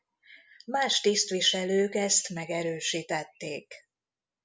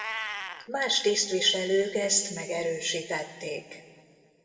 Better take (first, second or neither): first